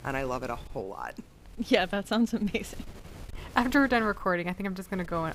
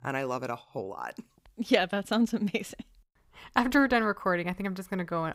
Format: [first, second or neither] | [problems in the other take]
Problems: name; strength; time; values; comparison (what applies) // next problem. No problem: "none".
second | wind noise on the microphone; occasional gusts; 25 dB below the speech